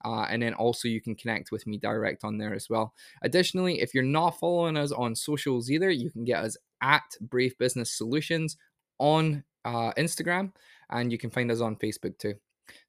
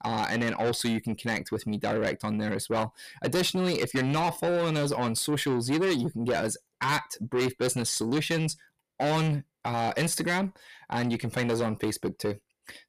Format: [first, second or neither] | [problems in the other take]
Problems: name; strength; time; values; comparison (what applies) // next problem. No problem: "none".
first | distortion; heavy; 7 dB below the speech